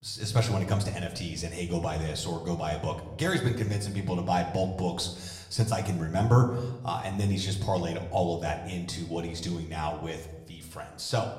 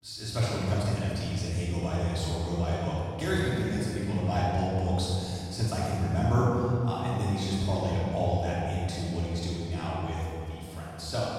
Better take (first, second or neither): first